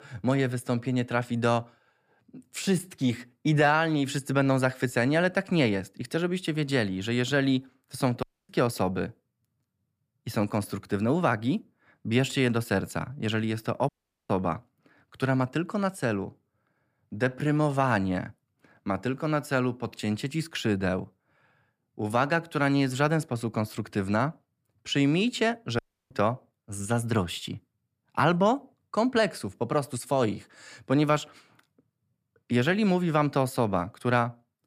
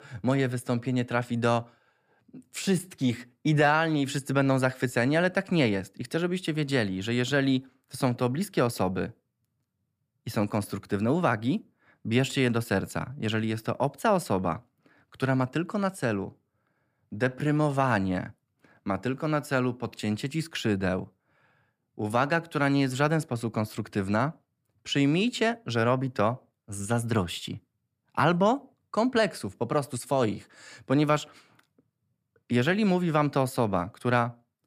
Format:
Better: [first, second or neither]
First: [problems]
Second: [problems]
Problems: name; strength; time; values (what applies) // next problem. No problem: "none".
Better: second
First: audio cutting out; at 8 s, at 14 s and at 26 s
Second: none